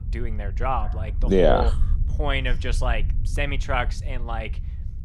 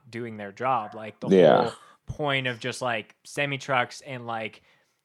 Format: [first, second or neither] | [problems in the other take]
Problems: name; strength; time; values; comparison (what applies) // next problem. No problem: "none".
second | low rumble; faint; throughout; 20 dB below the speech